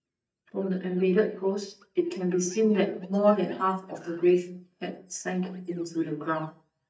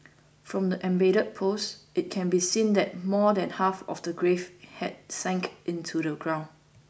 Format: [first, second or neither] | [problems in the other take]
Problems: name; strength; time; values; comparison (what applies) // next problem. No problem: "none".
second | noise reduction (neural mask model DeepFilterNet 3)